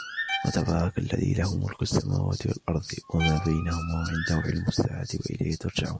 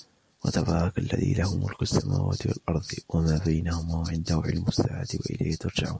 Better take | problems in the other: second | background sound (Bowed string instrument + Bird); 11 dB below the speech

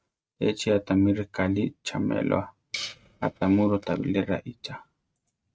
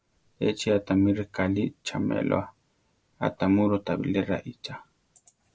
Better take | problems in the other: second | noise reduction (neural mask model RNNoise)

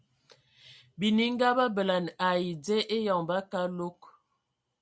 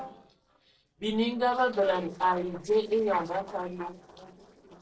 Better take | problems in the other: first | noise reduction (neural separator model SepFormer DNS4)

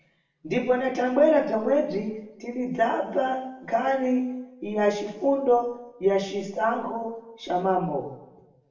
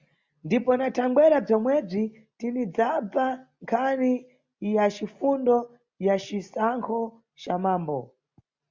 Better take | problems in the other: second | room echo; dies away in 0.8 s

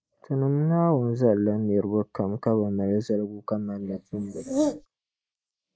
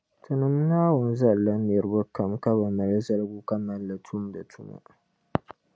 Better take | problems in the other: second | noise reduction (neural mask model Resemble Enhance denoiser)

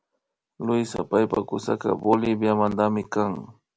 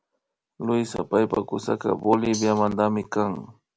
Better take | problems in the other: first | background sound (Tambourine); 12 dB below the speech

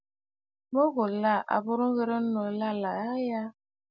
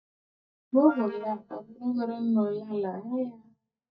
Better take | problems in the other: first | noise reduction (neural mask model DeepFilterNet 3)

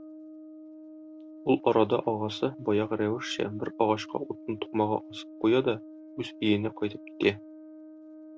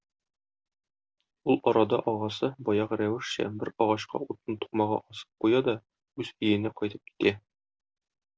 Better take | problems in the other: second | background sound (Brass instrument); 16 dB below the speech

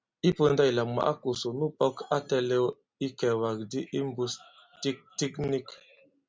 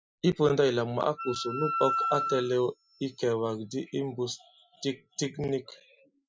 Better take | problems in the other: first | noise reduction (classical method Wiener filter)

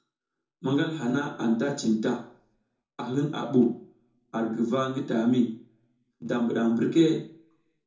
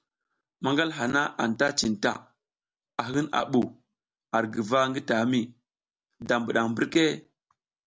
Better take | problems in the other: second | room echo; dies away in 0.6 s

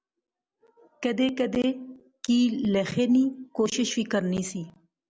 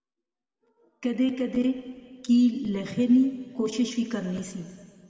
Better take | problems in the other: first | room echo; dies away in 1.9 s

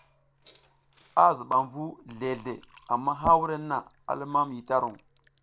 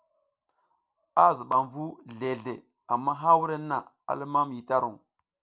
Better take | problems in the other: second | background sound (Fill (with liquid) / Glass); 19 dB below the speech

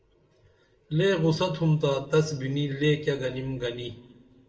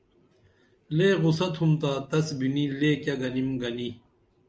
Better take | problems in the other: second | room echo; dies away in 1 s

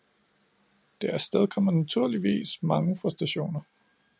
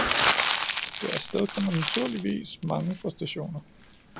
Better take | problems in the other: first | background sound (Explosion + Crumpling, crinkling); 1 dB above the speech

